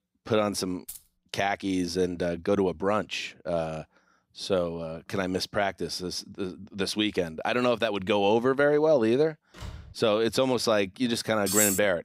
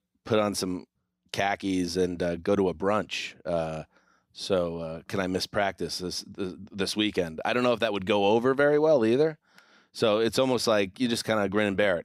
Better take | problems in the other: second | jangling keys; faint; at 1 s; peak 15 dB below the speech // door banging; faint; at 9.5 s; peak 15 dB below the speech // clattering dishes; loud; at 11 s; peak 3 dB above the speech

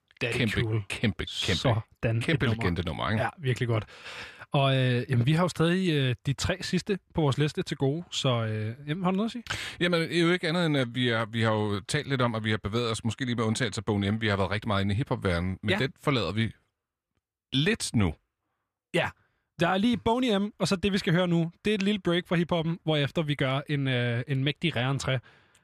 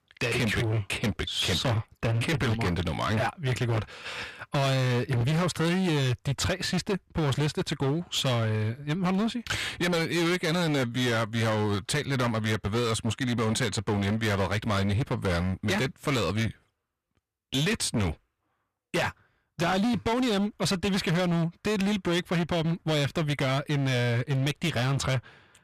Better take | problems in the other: first | distortion; heavy; 23% of the sound clipped

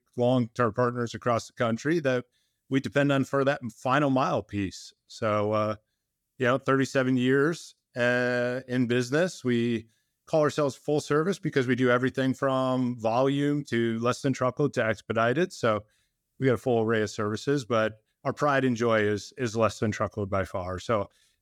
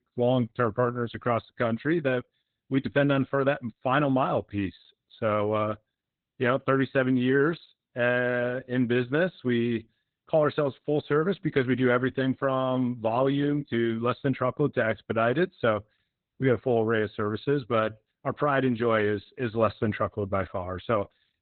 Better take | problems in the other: first | garbled, watery; badly; nothing above 4 kHz

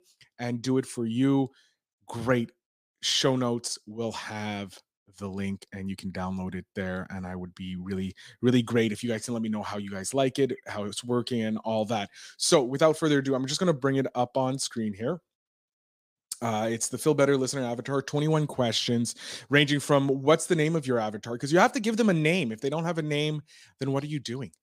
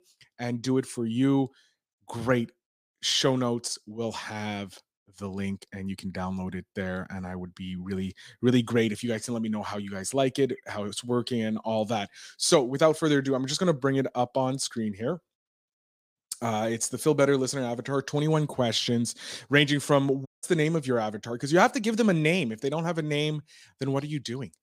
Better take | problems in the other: first | audio cutting out; at 20 s

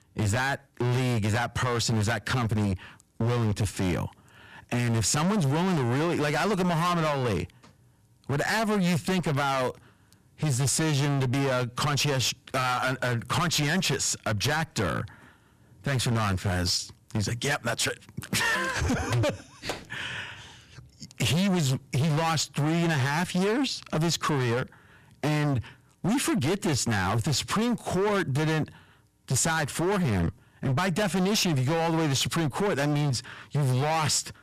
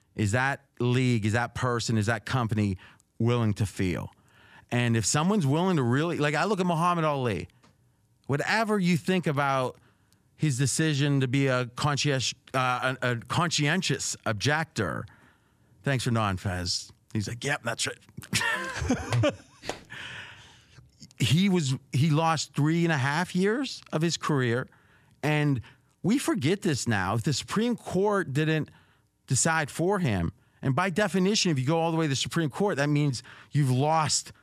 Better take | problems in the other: second | distortion; heavy; 25% of the sound clipped

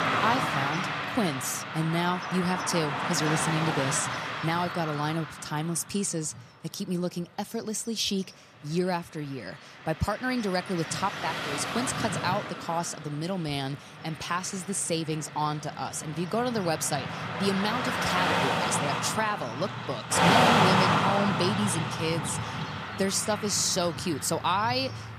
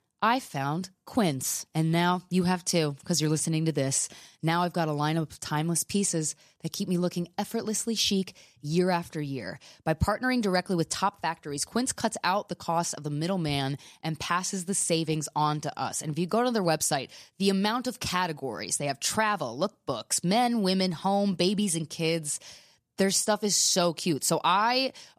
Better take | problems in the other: second | traffic noise; very loud; throughout; 1 dB above the speech

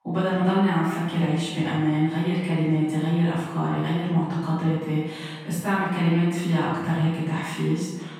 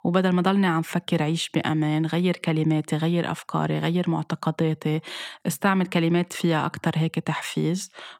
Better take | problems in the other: second | off-mic speech; far // room echo; strong; dies away in 1.2 s

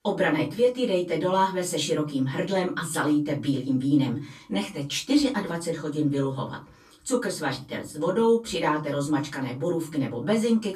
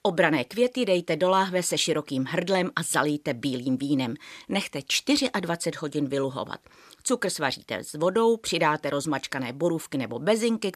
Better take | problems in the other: second | off-mic speech; far // room echo; slight; dies away in 0.4 s

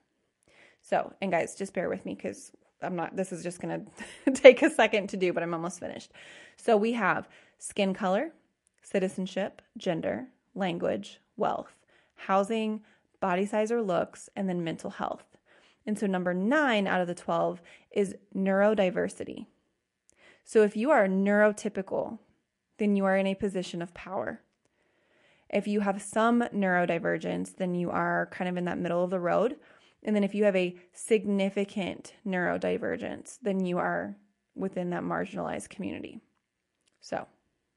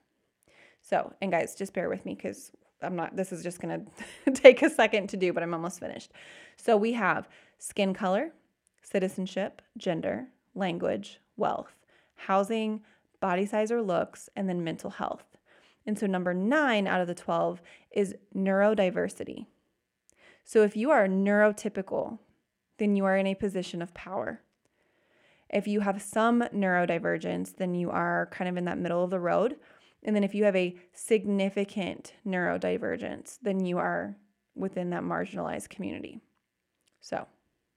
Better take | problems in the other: second | garbled, watery; slightly; nothing above 11 kHz

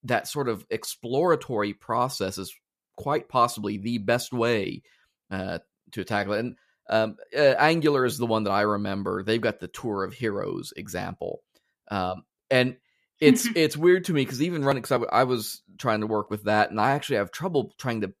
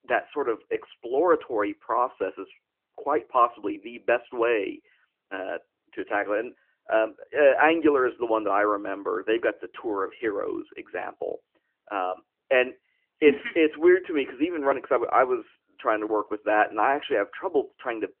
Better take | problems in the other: first | phone-call audio; nothing above 3 kHz

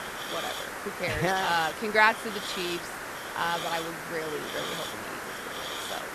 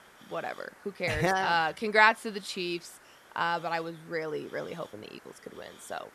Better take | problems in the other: second | hiss; loud; throughout; 5 dB below the speech; faint in the second

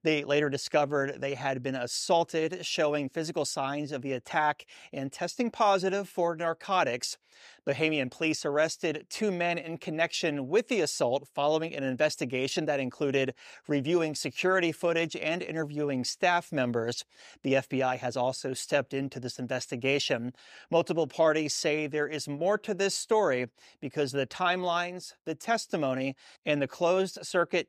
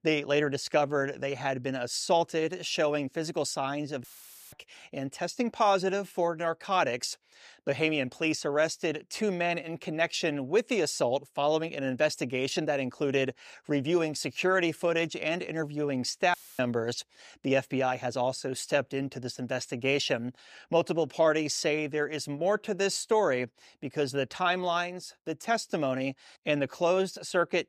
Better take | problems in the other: first | audio cutting out; filled with static; at 4 s and at 16 s

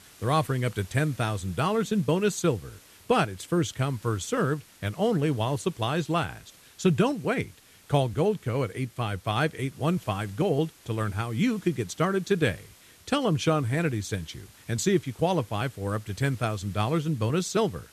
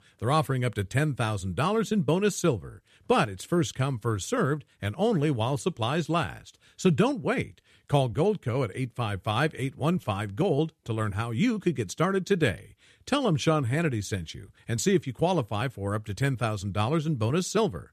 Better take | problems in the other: second | hiss; faint; throughout; 25 dB below the speech

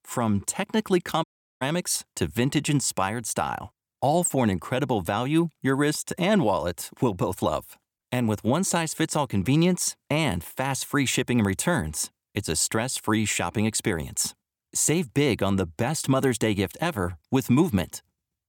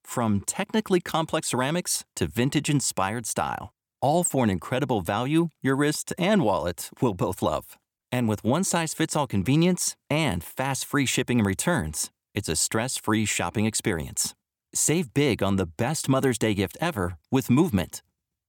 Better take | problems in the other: second | audio cutting out; at 1 s

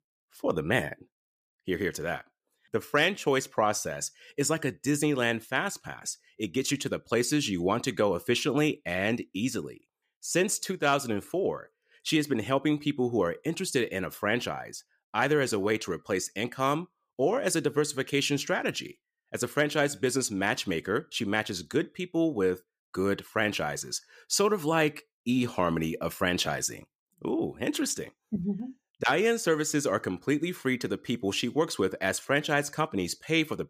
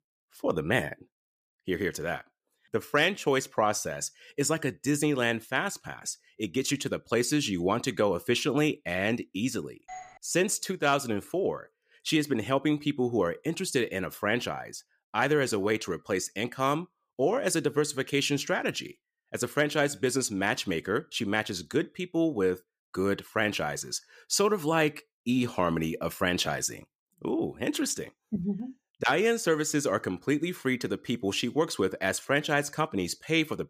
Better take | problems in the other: first | doorbell; faint; at 10 s; peak 15 dB below the speech

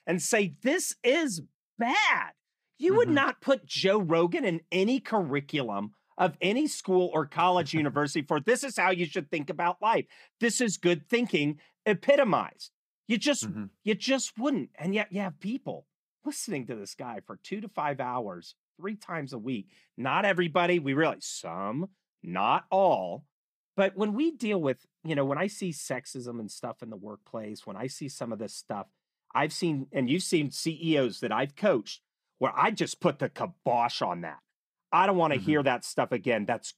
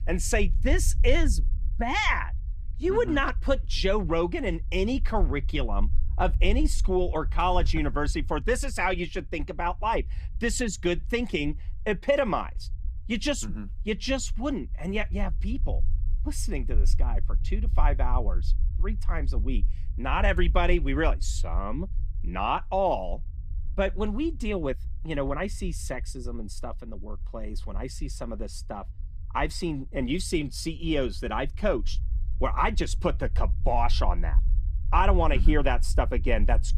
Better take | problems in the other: first | low rumble; faint; throughout; 25 dB below the speech

